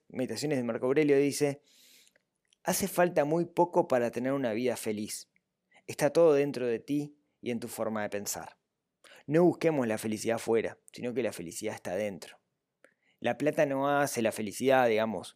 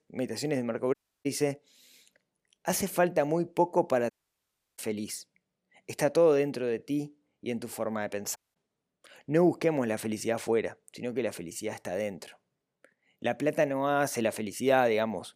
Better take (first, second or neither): first